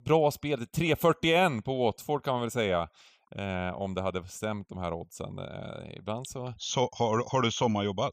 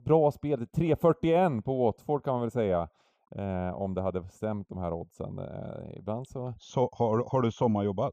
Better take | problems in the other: first | muffled; very; fading above 1.5 kHz

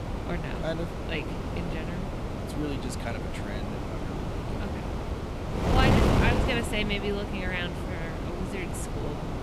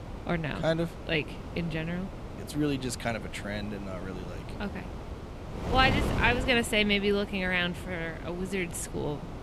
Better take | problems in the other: second | wind noise on the microphone; heavy; 1 dB below the speech; occasional gusts in the second

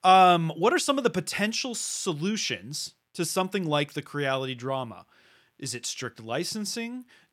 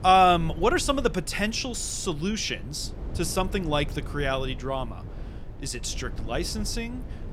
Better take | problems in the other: first | low rumble; faint; throughout; 20 dB below the speech

